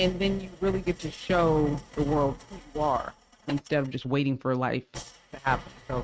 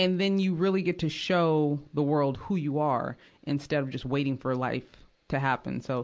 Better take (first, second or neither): second